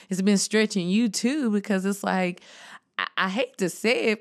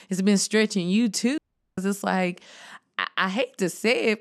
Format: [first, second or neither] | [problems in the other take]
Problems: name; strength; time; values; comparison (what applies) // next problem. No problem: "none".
first | audio cutting out; at 1.5 s